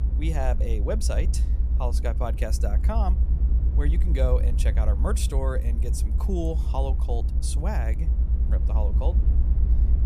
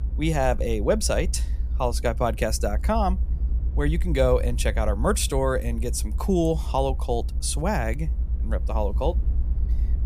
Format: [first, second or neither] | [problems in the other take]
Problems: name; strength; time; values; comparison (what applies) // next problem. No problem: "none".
second | low rumble; loud; throughout; 9 dB below the speech; faint in the second